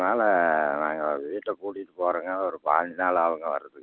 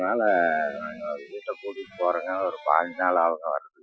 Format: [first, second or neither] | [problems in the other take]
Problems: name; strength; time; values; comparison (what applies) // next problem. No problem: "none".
first | noise reduction (classical method Wiener filter)